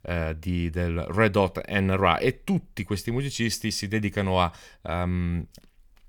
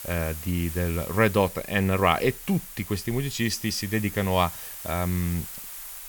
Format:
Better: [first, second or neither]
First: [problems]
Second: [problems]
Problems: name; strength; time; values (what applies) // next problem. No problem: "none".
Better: first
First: none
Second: hiss; noticeable; throughout; 10 dB below the speech